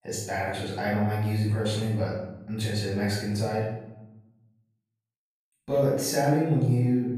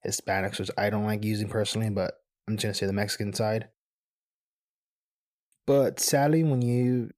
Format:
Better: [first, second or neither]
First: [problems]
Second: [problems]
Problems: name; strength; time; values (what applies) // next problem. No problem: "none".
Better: second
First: off-mic speech; far // room echo; noticeable; dies away in 0.8 s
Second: none